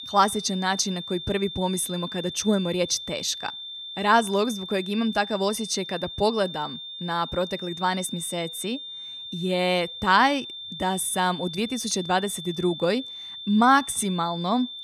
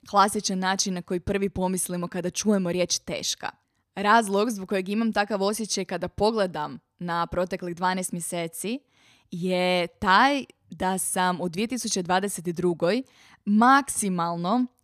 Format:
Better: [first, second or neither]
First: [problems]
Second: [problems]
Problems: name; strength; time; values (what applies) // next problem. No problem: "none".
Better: second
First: high-pitched whine; loud; throughout; 3.5 kHz, 10 dB below the speech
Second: none